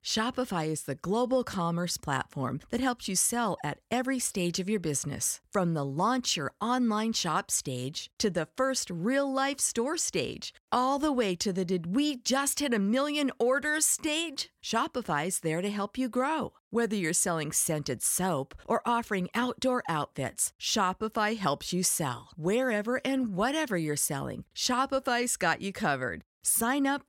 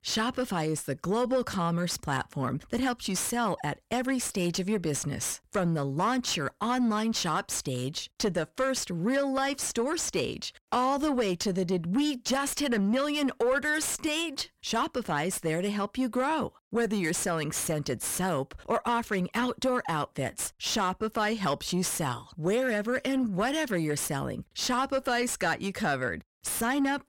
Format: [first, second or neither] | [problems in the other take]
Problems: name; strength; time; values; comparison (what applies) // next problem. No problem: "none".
first | distortion; slight; 9 dB below the speech